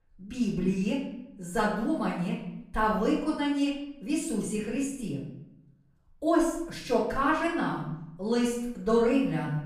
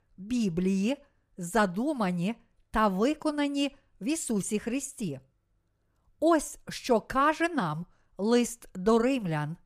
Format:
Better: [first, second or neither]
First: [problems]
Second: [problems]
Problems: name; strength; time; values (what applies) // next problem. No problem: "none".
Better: second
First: off-mic speech; far // room echo; noticeable; dies away in 0.8 s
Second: none